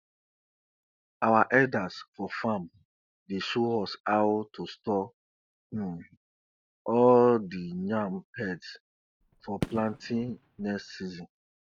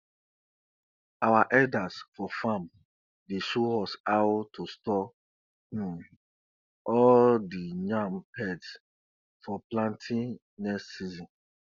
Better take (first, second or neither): second